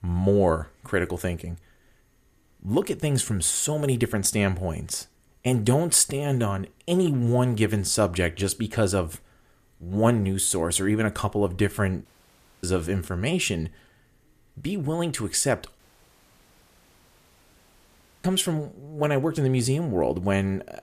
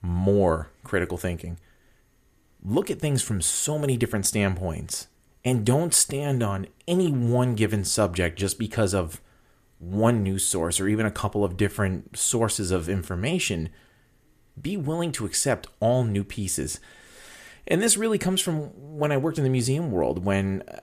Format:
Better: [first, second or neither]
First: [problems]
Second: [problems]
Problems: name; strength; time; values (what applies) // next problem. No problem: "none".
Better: second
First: audio cutting out; at 12 s for 0.5 s and at 16 s for 2.5 s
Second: none